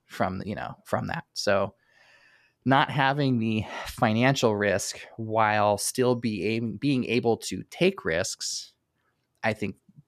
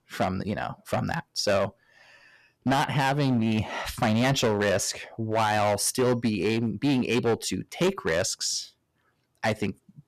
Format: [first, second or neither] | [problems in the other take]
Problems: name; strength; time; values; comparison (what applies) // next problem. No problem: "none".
first | distortion; heavy; 9% of the sound clipped